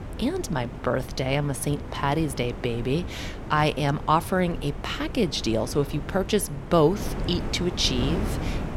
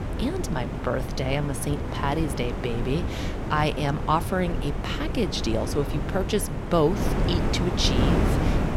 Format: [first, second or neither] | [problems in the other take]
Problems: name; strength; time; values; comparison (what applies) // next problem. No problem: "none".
first | wind noise on the microphone; heavy; 5 dB below the speech; occasional gusts in the first